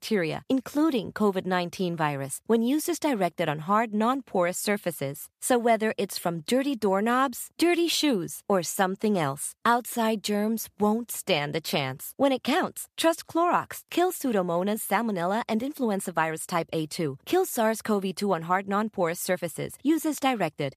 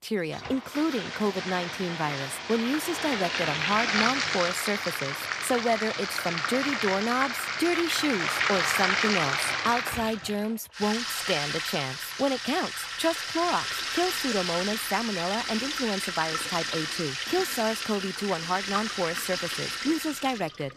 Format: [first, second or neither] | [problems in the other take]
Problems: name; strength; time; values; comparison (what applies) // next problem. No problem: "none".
first | household noises; very loud; throughout; as loud as the speech